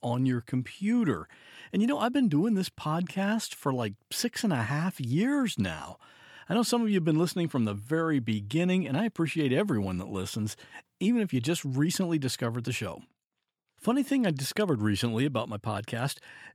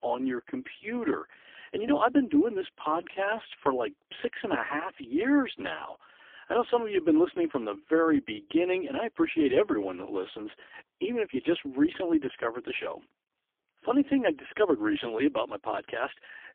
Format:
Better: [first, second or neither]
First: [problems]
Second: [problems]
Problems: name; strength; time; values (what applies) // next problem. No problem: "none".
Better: first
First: none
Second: phone-call audio; poor line; nothing above 3 kHz